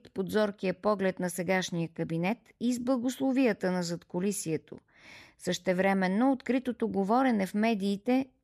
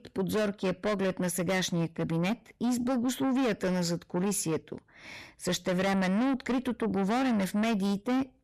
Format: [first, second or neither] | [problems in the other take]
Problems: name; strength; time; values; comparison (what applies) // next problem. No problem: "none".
first | distortion; heavy; 7 dB below the speech